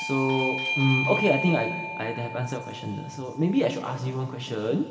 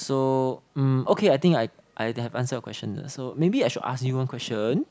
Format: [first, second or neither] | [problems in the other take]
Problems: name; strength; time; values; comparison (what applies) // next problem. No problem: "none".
second | background sound (Bell / Doorbell); 6 dB below the speech // room echo; dies away in 2 s